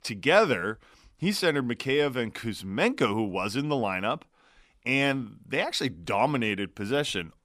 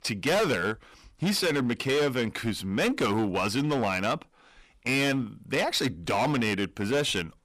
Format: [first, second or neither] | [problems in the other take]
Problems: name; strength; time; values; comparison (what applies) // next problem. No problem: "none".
first | distortion; heavy; 14% of the sound clipped